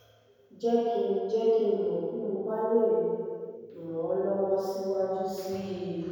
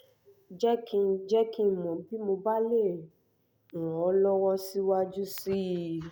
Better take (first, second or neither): second